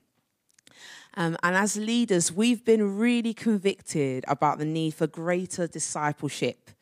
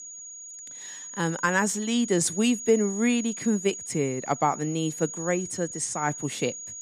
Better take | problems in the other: first | high-pitched whine; loud; throughout; 6.5 kHz, 9 dB below the speech

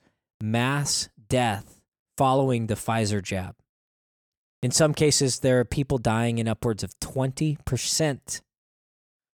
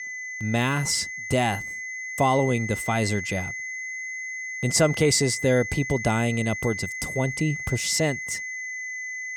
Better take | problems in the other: first | high-pitched whine; loud; throughout; 2 kHz, 6 dB below the speech

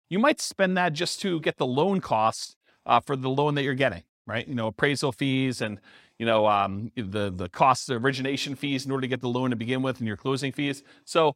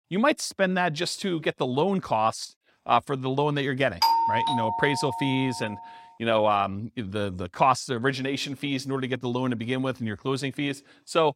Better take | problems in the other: first | doorbell; loud; from 4 to 5.5 s; peak 5 dB above the speech

